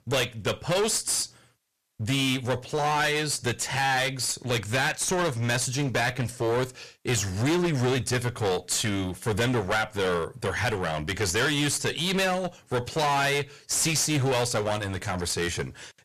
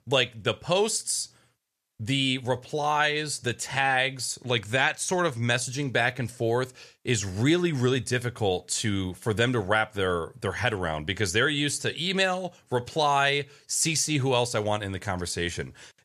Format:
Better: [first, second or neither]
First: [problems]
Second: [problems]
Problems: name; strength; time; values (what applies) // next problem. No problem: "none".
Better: second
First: distortion; heavy; 19% of the sound clipped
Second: none